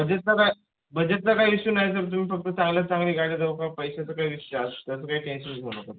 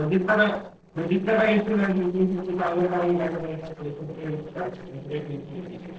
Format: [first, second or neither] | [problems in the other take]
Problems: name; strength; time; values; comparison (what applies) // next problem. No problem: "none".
first | noise reduction (neural separator model SepFormer DNS4)